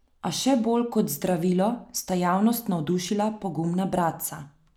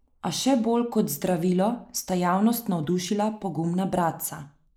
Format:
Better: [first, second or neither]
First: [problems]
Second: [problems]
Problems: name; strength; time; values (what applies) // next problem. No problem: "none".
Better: first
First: none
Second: noise reduction (neural mask model Resemble Enhance denoiser)